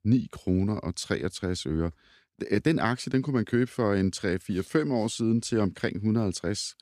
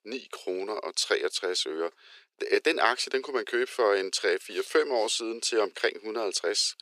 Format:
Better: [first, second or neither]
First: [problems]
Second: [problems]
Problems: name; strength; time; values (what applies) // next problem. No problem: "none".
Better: first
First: none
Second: thin; very; fading below 400 Hz